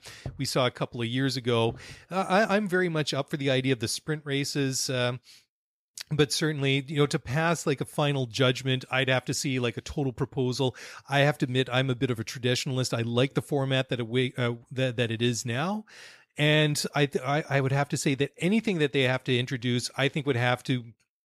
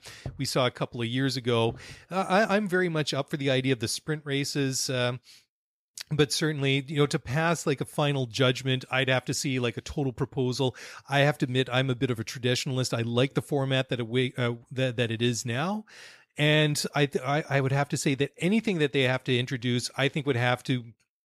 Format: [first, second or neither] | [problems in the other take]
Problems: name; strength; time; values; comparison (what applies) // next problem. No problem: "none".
neither | none